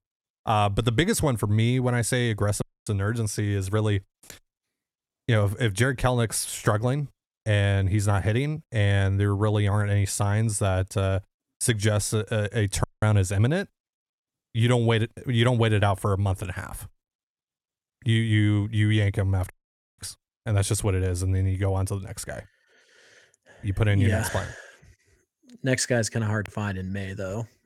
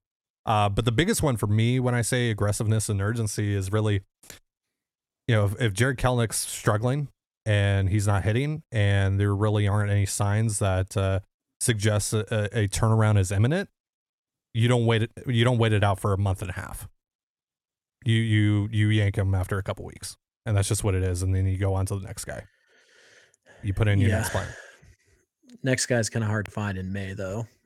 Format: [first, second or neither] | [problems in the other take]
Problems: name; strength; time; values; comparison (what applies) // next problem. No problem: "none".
second | audio cutting out; at 2.5 s, at 13 s and at 20 s